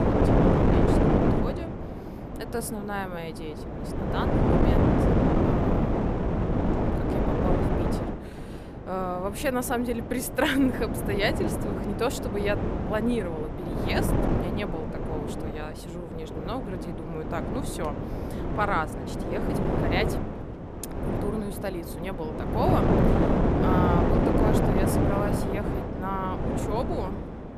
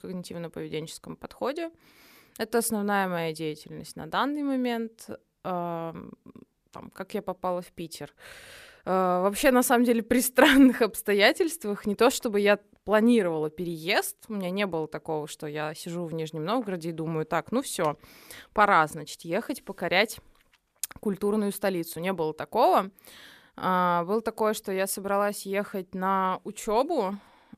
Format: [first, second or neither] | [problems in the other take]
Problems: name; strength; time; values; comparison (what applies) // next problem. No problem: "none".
second | wind noise on the microphone; heavy; 2 dB above the speech